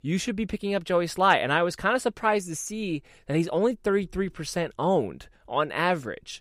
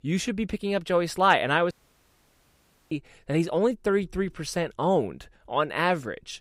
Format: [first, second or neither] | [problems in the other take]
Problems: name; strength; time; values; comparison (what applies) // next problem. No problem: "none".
first | audio cutting out; at 1.5 s for 1 s